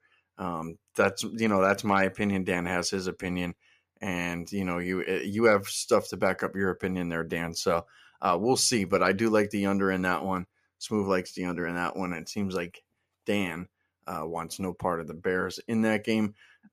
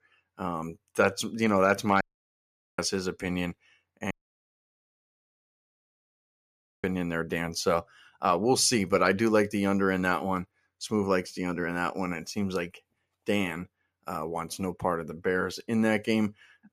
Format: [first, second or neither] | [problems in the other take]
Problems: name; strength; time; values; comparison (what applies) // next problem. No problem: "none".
first | audio cutting out; at 2 s for 1 s and at 4 s for 2.5 s